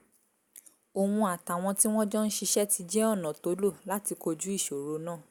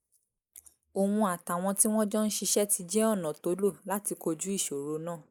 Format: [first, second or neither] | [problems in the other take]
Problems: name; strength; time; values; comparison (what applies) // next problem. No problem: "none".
first | noise reduction (neural mask model Resemble Enhance denoiser)